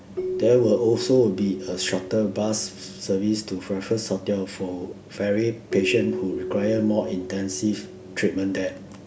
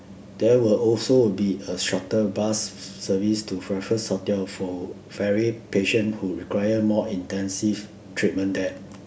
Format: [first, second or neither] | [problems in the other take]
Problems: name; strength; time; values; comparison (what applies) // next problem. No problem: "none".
second | background sound (Keyboard (musical)); 10 dB below the speech